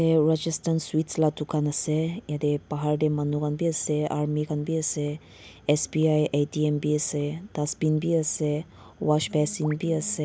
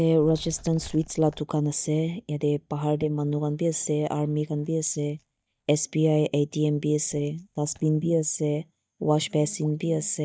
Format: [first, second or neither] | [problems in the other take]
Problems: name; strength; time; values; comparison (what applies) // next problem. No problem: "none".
first | noise reduction (neural mask model DeepFilterNet 3)